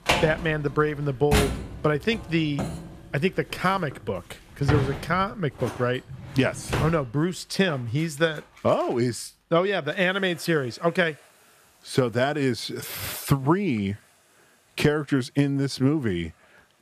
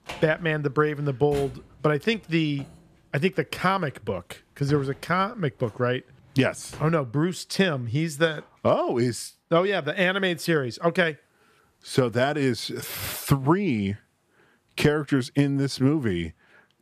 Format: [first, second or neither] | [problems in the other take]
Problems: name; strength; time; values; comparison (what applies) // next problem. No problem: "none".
second | household noises; loud; throughout; 6 dB below the speech; faint in the second